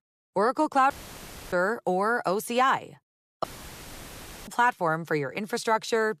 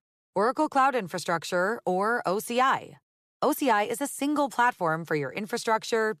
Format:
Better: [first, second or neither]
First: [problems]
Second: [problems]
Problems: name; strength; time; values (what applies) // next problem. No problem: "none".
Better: second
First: audio cutting out; filled with static; at 1 s for 0.5 s and at 3.5 s for 1 s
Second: none